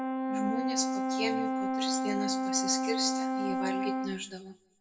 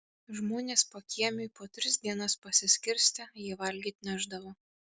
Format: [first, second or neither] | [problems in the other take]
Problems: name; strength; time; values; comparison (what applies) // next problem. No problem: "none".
second | background sound (Brass instrument); 5 dB above the speech // room echo; dies away in 0.5 s